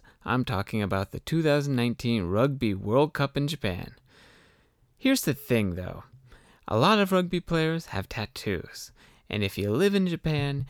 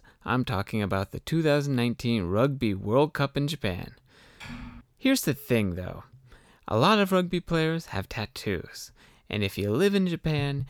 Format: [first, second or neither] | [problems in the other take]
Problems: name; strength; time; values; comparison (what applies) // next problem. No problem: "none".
first | keyboard typing; faint; at 4.5 s; peak 15 dB below the speech